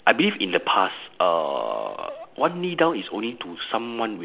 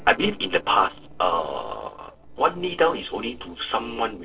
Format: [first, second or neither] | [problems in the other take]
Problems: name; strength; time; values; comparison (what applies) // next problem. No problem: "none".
first | noise reduction (neural separator model SepFormer DNS4)